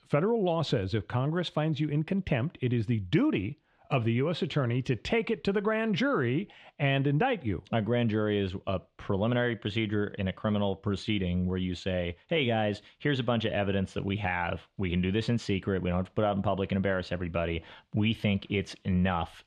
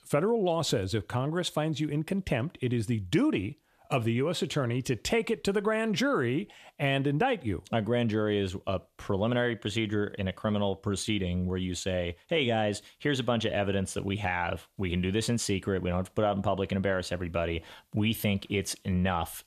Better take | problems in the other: second | muffled; slightly; fading above 3 kHz

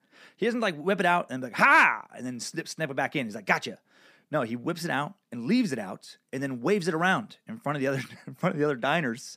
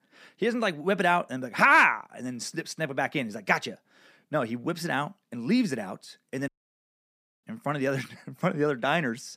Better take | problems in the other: first | audio cutting out; at 6.5 s for 1 s

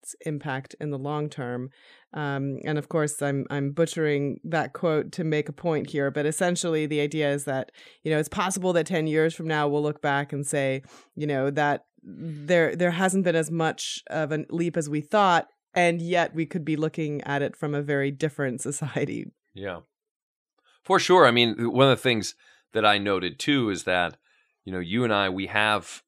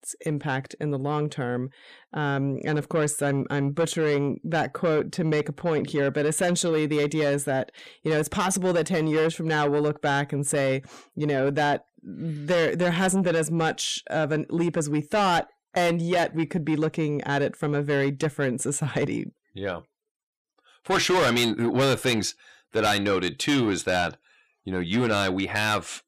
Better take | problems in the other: first | distortion; heavy; 8 dB below the speech

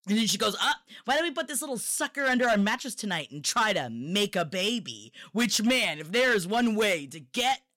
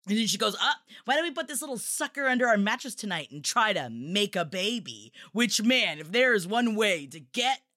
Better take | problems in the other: second | distortion; slight; 6% of the sound clipped

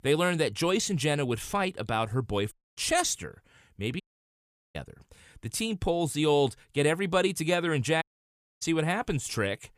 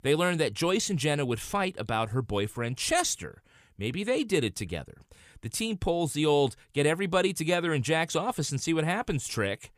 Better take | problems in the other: second | audio cutting out; at 2.5 s, at 4 s for 0.5 s and at 8 s for 0.5 s

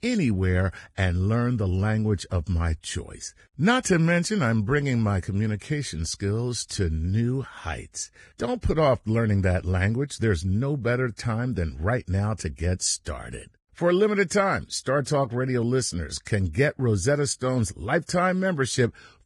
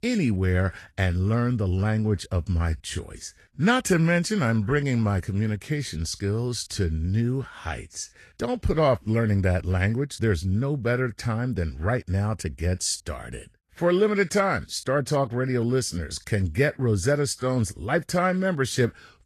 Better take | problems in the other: second | garbled, watery; badly; nothing above 10 kHz; slightly in the second

